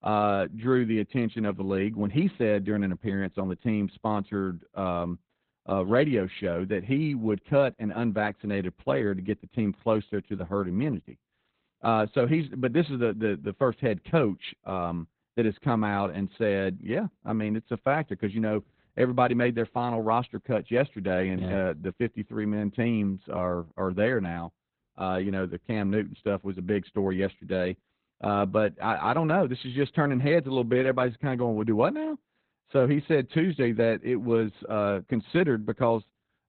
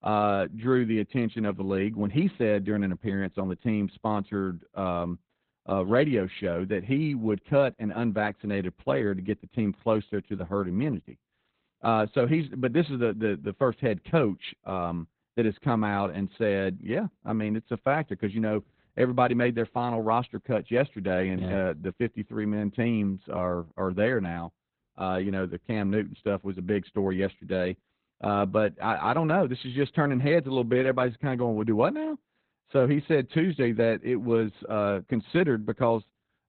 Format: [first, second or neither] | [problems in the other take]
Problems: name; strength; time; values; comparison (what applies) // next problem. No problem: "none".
neither | garbled, watery; badly; nothing above 4 kHz; the same in both